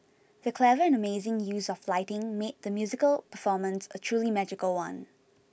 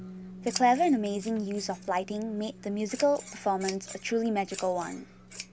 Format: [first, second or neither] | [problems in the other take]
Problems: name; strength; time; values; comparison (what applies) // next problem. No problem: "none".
first | background sound (Bass guitar + Scissors); 14 dB below the speech